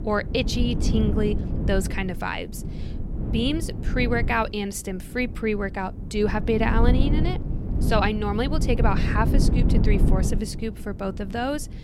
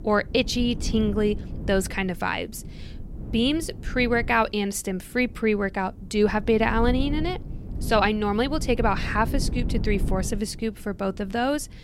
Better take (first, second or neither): second